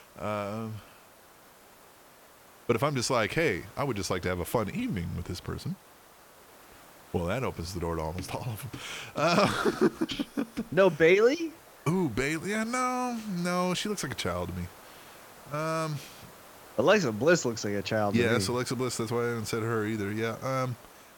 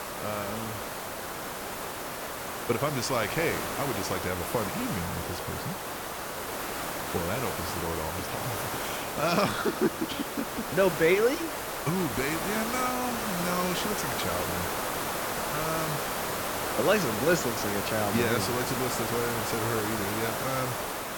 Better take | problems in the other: first | hiss; loud; throughout; 1 dB below the speech; faint in the first

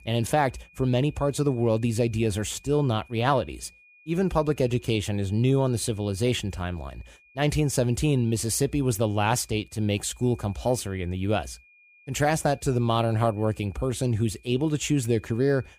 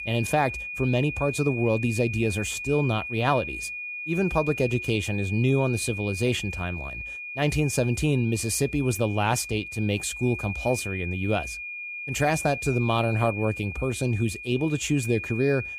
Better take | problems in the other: first | high-pitched whine; loud; throughout; 2.5 kHz, 7 dB below the speech; faint in the first

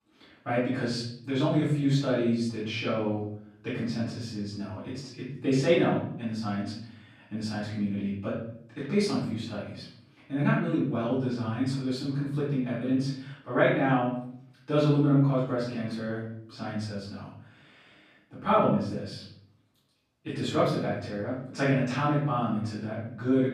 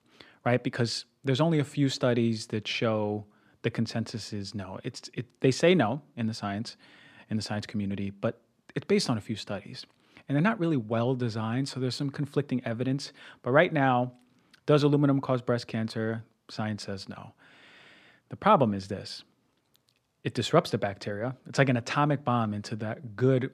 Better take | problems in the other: second | room echo; noticeable; dies away in 0.6 s // off-mic speech; far

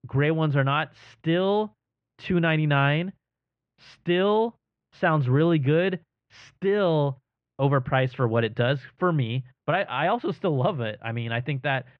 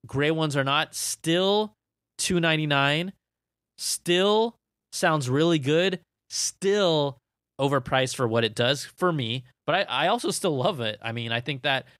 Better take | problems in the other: second | muffled; very; fading above 2.5 kHz

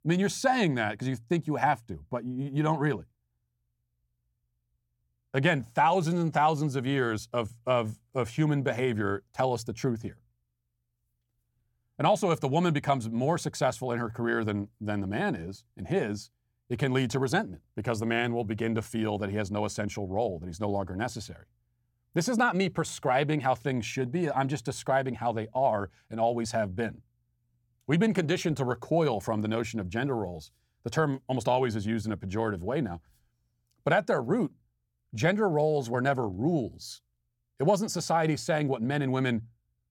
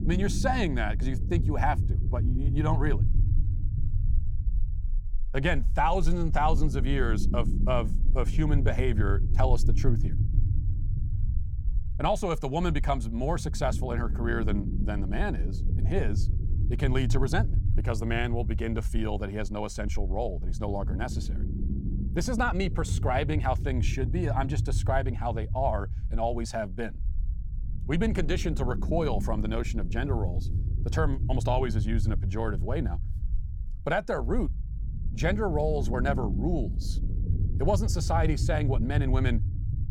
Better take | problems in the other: first | low rumble; noticeable; throughout; 15 dB below the speech

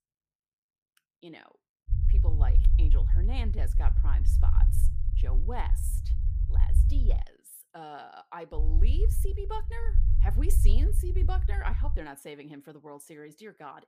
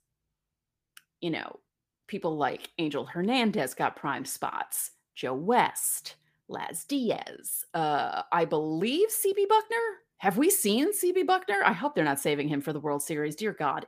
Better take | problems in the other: second | low rumble; loud; from 2 to 7 s and from 8.5 to 12 s; 6 dB below the speech

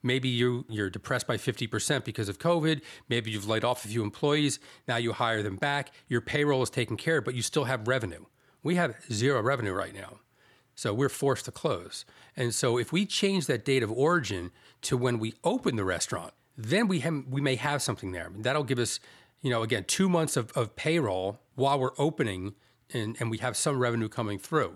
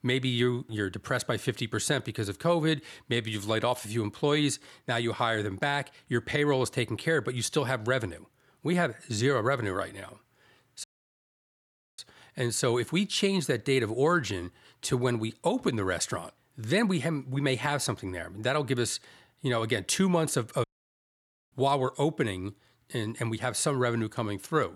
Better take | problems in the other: first | audio cutting out; at 11 s for 1 s and at 21 s for 1 s

